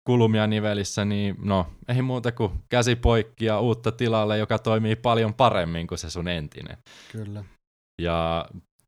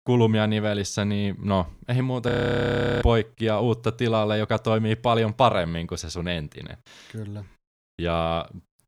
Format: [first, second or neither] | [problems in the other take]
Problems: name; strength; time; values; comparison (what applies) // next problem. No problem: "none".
first | audio freezing; at 2.5 s for 0.5 s